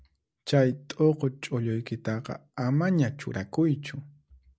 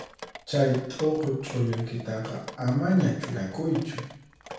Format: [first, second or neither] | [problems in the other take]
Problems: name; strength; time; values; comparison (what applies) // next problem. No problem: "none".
first | background sound (Drip); 16 dB below the speech // room echo; dies away in 0.7 s